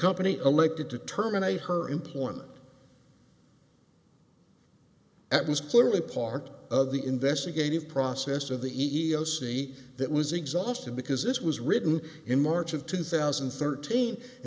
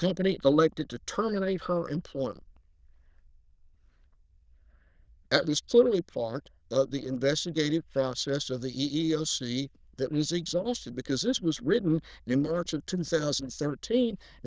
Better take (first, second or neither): first